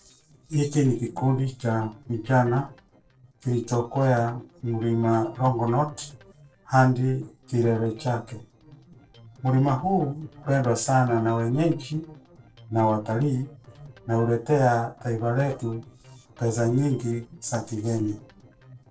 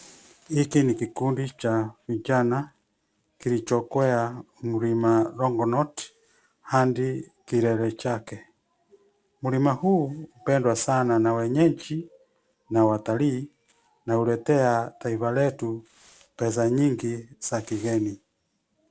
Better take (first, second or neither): second